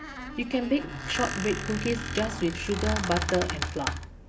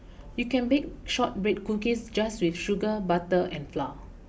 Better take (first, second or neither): second